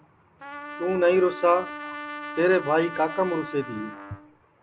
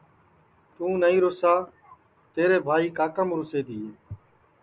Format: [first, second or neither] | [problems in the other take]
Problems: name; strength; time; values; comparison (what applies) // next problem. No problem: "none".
second | background sound (Trumpet); 12 dB below the speech